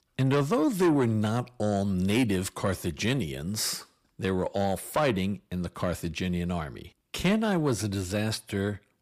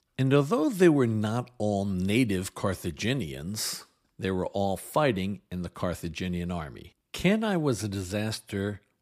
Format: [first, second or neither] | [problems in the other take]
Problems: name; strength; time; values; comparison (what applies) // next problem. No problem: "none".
second | distortion; slight; 10 dB below the speech